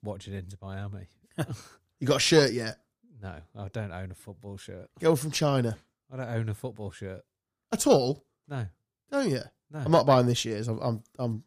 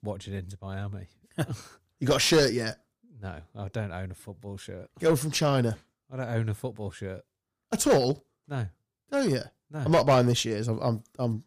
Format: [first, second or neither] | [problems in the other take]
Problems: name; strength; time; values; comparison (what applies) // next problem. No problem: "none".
first | distortion; slight; 2% of the sound clipped